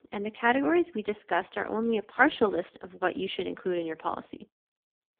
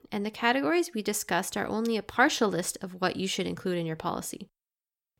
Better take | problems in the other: second | phone-call audio; poor line

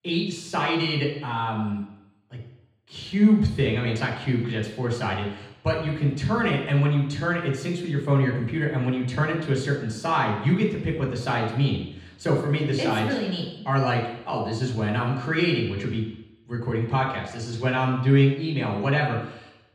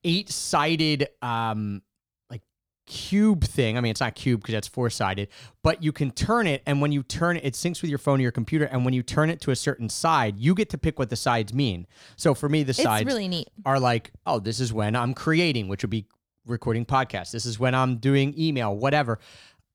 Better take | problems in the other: second | room echo; noticeable; dies away in 0.9 s // off-mic speech; far

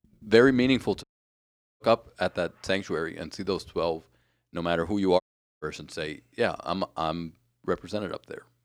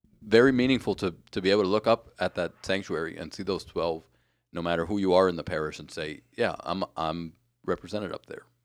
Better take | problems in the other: second | audio cutting out; at 1 s for 1 s and at 5 s

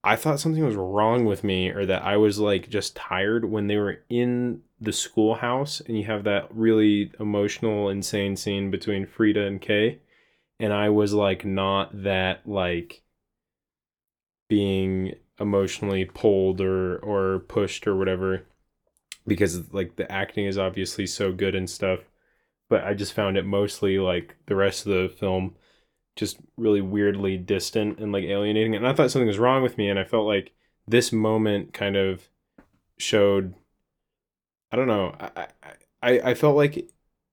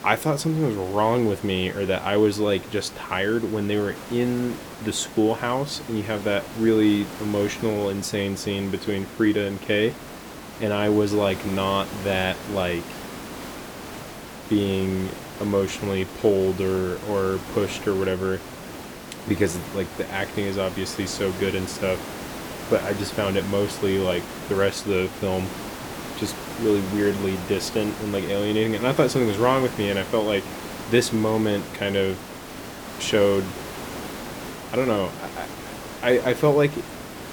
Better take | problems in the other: first | hiss; noticeable; throughout; 10 dB below the speech

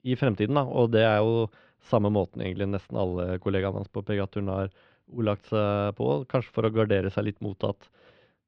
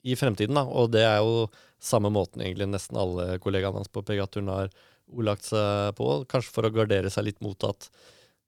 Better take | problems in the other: second | muffled; very; fading above 3 kHz

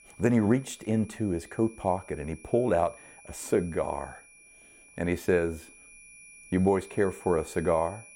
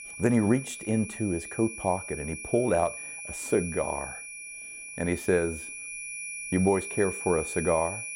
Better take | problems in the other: first | high-pitched whine; loud; throughout; 2.5 kHz, 8 dB below the speech; faint in the first

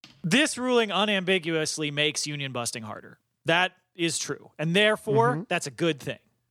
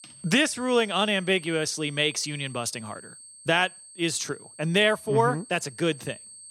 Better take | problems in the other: first | high-pitched whine; noticeable; throughout; 8.5 kHz, 20 dB below the speech

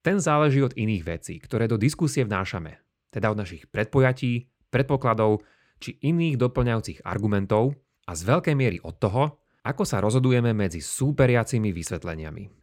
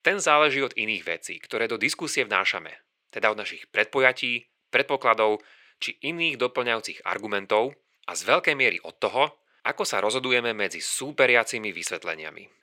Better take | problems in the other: first | thin; very; fading below 500 Hz

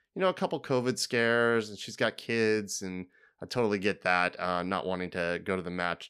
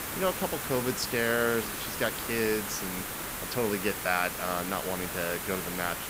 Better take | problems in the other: first | hiss; loud; throughout; 3 dB below the speech

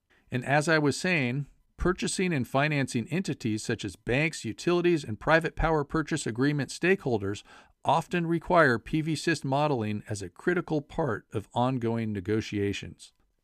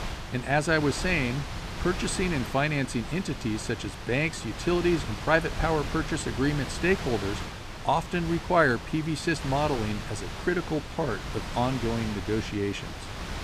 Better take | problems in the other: first | wind noise on the microphone; heavy; 9 dB below the speech

